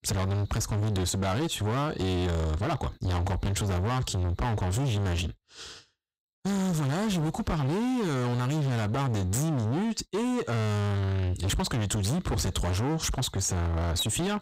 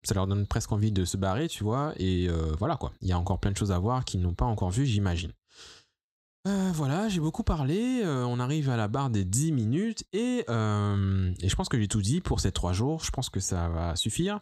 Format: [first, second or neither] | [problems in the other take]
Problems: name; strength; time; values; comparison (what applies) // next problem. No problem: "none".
second | distortion; heavy; 42% of the sound clipped